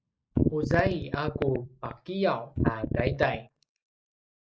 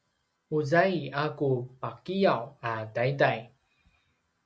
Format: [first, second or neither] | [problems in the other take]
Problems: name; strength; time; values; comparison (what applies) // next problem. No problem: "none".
second | noise reduction (neural mask model Resemble Enhance denoiser)